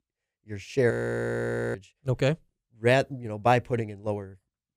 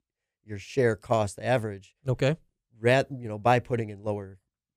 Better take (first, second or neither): second